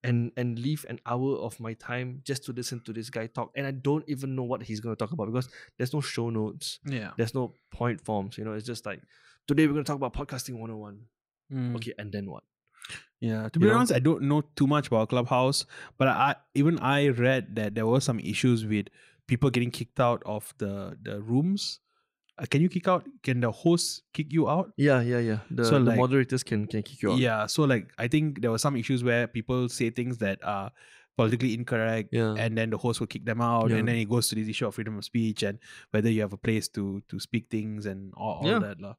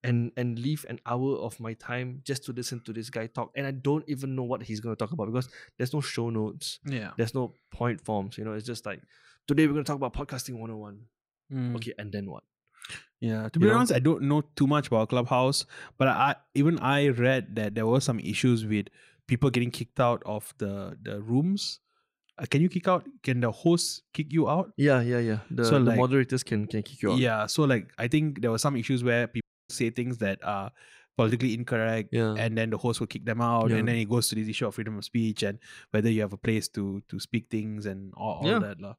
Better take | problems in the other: first | audio cutting out; at 29 s

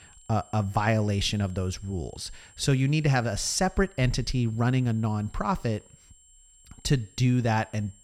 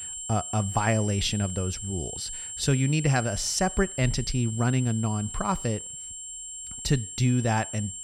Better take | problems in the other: first | high-pitched whine; loud; throughout; 7.5 kHz, 8 dB below the speech; faint in the first

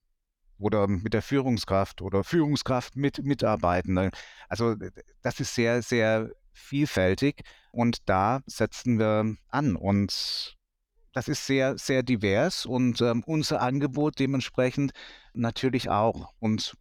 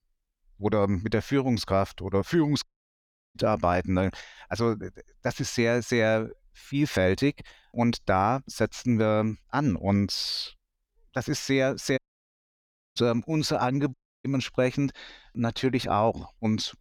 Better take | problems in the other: first | audio cutting out; at 2.5 s for 0.5 s, at 12 s for 1 s and at 14 s

